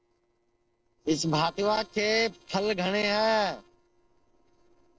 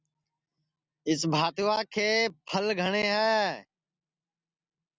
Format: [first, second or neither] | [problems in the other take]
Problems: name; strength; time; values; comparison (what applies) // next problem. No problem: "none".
second | noise reduction (neural separator model SepFormer DNS4)